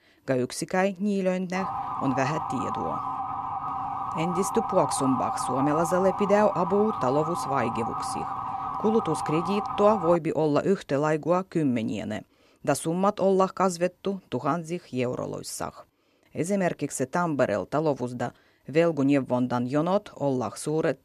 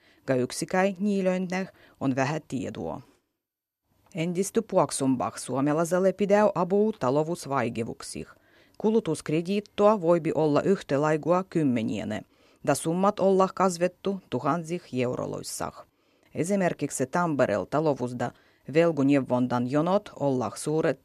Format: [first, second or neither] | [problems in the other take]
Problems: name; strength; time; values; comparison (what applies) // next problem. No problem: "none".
second | siren; noticeable; from 1.5 to 10 s; peak 3 dB below the speech